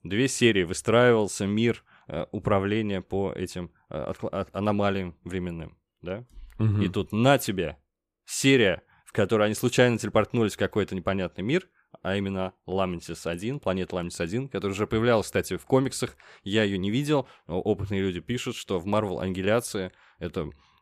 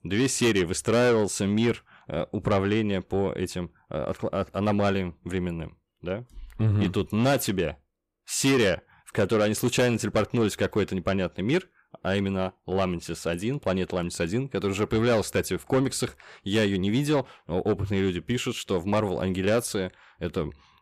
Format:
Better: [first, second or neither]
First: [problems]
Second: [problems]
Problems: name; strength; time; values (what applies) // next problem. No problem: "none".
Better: first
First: none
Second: distortion; slight; 10 dB below the speech